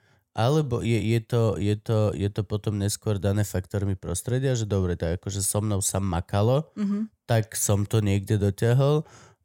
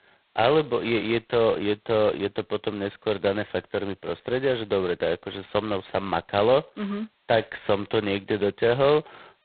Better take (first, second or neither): first